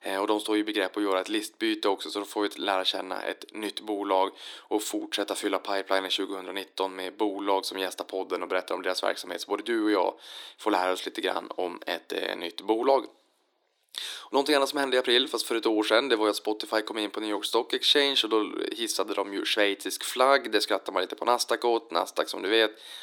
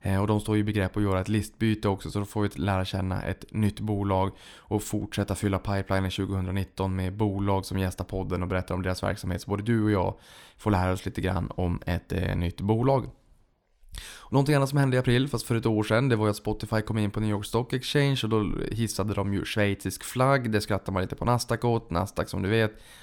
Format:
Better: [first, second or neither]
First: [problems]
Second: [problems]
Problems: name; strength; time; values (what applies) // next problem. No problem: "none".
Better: second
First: thin; very; fading below 300 Hz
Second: none